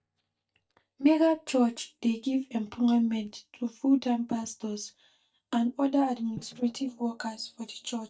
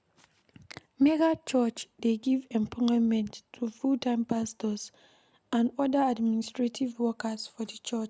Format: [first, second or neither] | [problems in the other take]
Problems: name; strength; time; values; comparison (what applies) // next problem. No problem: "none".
second | noise reduction (neural mask model DeepFilterNet 3)